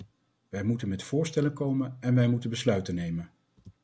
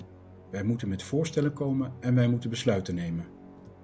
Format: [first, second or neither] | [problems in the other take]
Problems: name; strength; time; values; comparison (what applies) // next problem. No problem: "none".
first | background sound (Musical instrument); 20 dB below the speech